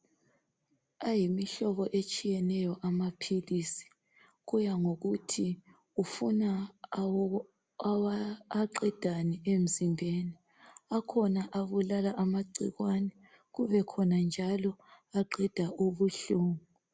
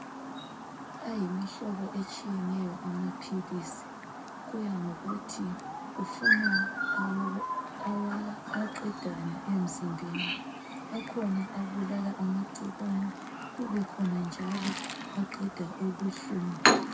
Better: first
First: none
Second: background sound (Chirp, tweet); as loud as the speech // room echo; dies away in 0.4 s

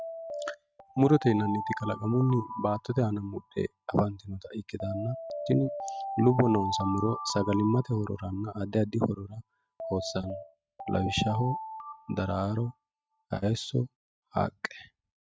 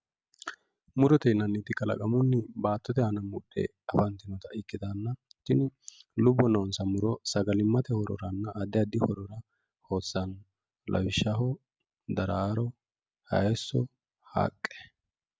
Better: second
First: noise reduction (neural mask model RNNoise)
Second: none

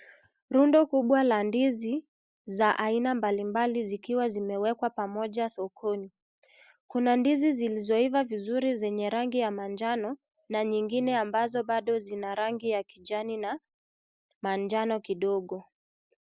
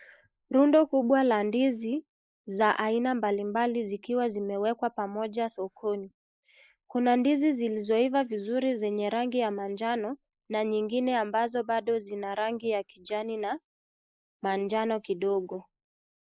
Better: first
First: none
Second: noise reduction (neural mask model Resemble Enhance denoiser)

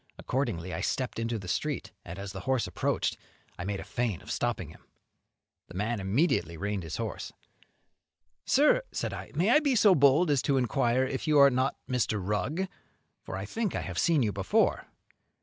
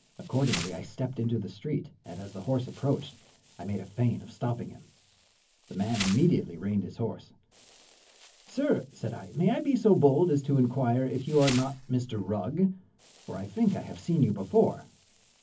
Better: first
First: none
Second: background sound (Insect); 17 dB below the speech // room echo; dies away in 0.3 s

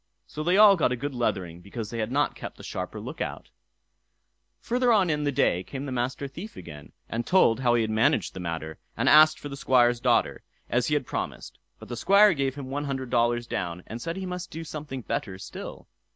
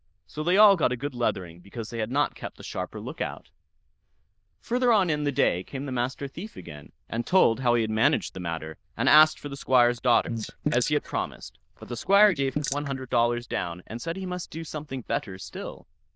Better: first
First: none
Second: noise reduction (neural diffusion model UNIVERSE++)

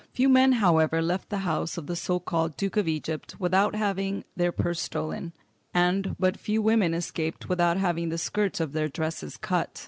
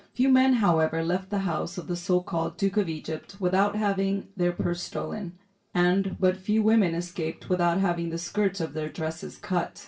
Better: first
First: none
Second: room echo; dies away in 0.2 s

